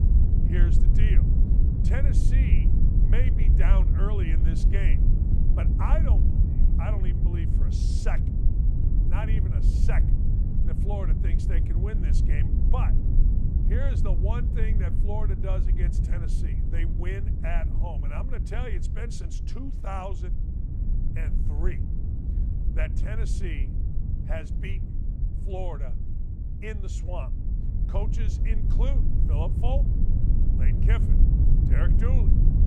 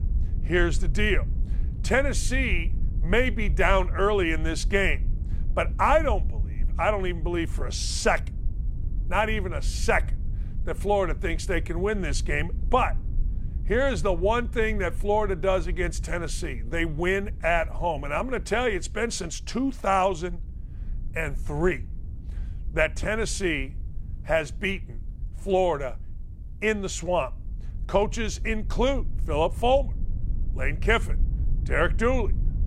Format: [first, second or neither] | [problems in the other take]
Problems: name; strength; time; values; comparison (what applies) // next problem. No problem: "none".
second | low rumble; loud; throughout; 2 dB below the speech; faint in the second